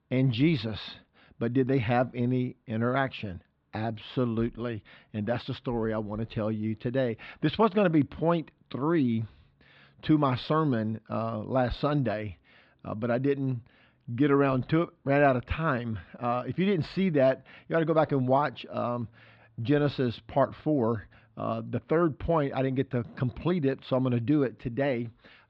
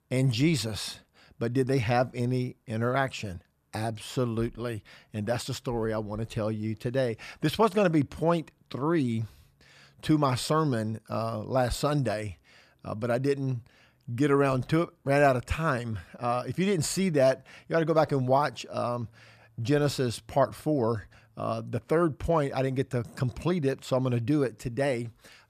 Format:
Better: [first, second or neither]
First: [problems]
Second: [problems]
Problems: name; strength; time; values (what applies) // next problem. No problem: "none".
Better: second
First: muffled; slightly; fading above 4 kHz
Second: none